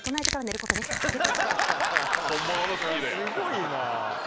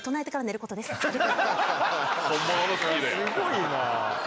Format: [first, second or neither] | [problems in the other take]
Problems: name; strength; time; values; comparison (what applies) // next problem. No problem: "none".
second | background sound (Crushing); 2 dB below the speech